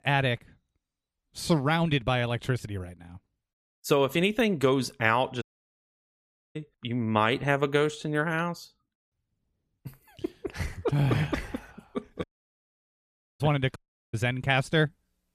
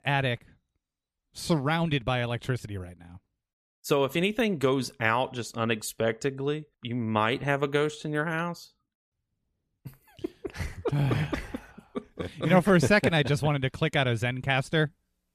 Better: second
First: audio cutting out; at 5.5 s for 1 s, at 12 s for 1 s and at 14 s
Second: none

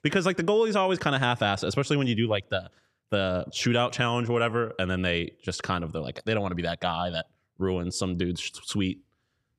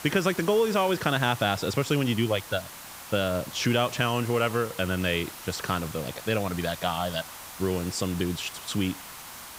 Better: first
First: none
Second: hiss; noticeable; throughout; 10 dB below the speech

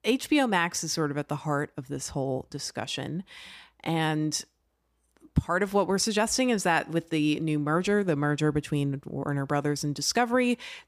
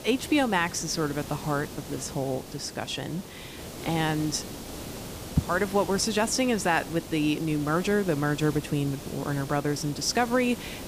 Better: first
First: none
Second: hiss; noticeable; throughout; 10 dB below the speech

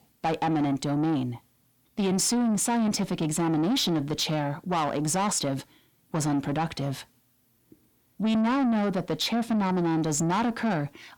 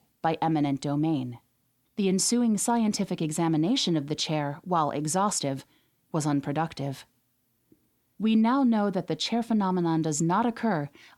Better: second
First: distortion; slight; 10 dB below the speech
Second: none

